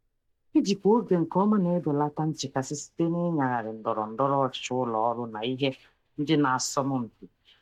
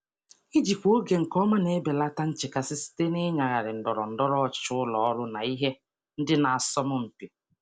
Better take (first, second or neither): second